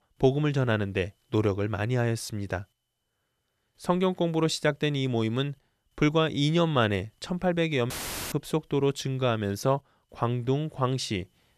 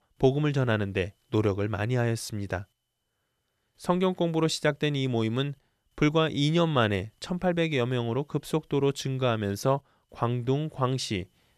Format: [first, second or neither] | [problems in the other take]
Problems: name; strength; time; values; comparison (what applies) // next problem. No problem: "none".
second | audio cutting out; filled with static; at 8 s